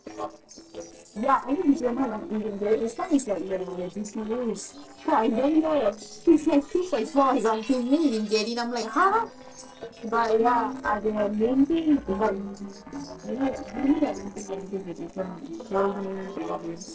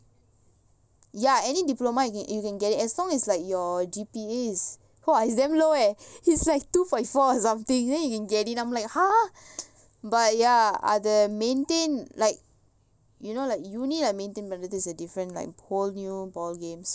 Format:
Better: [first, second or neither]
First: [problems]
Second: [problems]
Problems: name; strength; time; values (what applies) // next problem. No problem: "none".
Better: second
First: noise reduction (neural separator model SepFormer DNS4)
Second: none